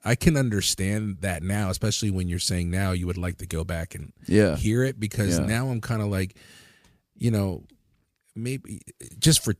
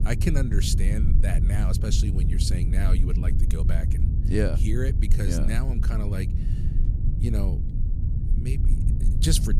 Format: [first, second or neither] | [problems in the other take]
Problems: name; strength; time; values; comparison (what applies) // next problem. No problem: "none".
first | low rumble; loud; throughout; 6 dB below the speech